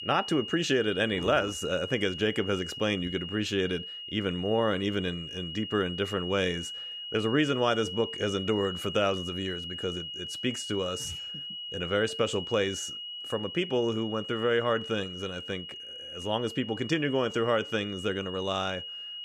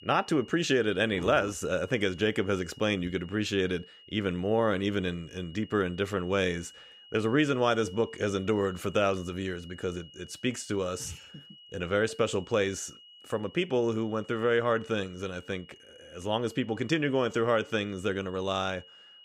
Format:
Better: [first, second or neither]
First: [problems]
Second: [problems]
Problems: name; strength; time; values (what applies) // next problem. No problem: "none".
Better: second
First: high-pitched whine; loud; throughout; 3 kHz, 7 dB below the speech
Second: high-pitched whine; faint; throughout; 3 kHz, 20 dB below the speech